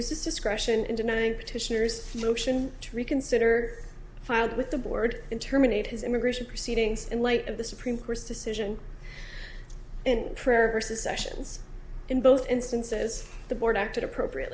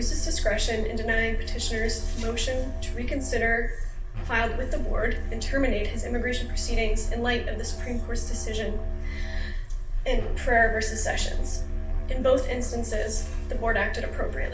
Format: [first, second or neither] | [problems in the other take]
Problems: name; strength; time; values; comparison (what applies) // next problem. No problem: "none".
first | background sound (Musical instrument); 9 dB below the speech // room echo; dies away in 0.2 s